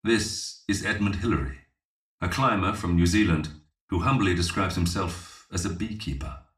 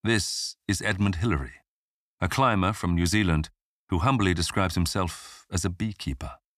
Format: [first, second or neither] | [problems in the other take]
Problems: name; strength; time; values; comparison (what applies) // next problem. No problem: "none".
second | room echo; very slight; dies away in 0.4 s // off-mic speech; somewhat distant